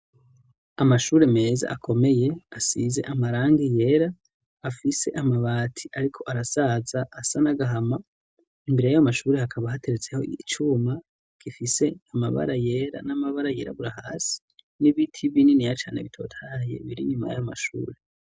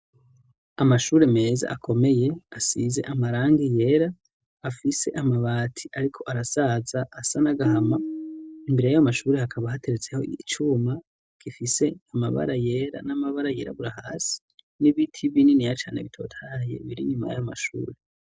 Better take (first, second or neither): first